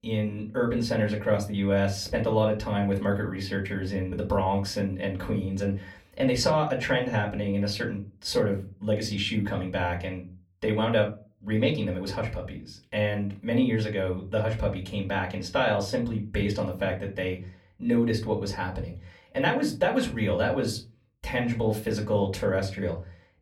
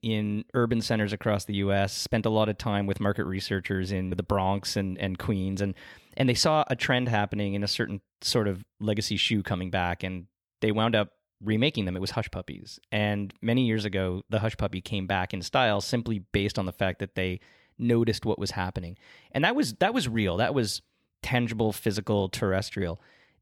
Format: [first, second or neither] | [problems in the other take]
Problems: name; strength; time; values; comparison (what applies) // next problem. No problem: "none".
second | off-mic speech; far // room echo; very slight; dies away in 0.3 s